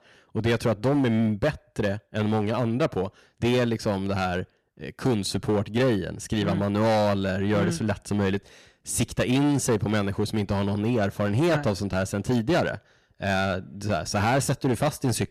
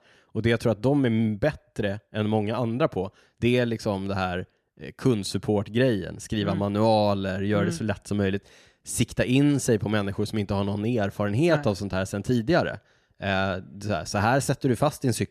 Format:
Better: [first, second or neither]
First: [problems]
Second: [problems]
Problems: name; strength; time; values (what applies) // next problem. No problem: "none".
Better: second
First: distortion; slight; 10% of the sound clipped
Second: none